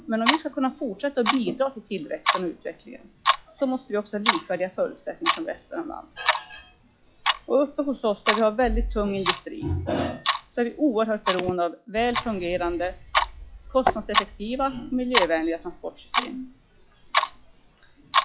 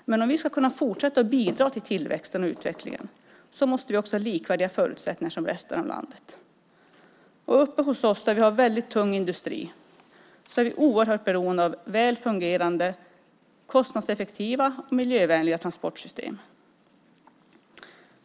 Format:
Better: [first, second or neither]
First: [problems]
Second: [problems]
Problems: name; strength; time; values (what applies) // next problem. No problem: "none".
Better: second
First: noise reduction (classical method log-MMSE)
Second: none